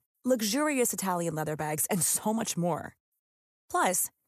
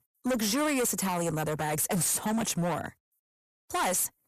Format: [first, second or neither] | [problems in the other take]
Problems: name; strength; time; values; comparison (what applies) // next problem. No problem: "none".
first | distortion; heavy; 19% of the sound clipped